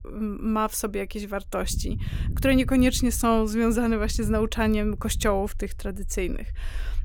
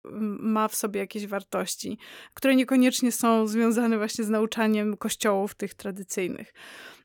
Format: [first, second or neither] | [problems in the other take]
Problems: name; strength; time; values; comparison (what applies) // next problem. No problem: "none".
second | low rumble; faint; throughout; 25 dB below the speech